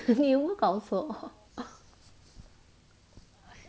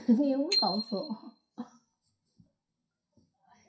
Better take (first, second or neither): first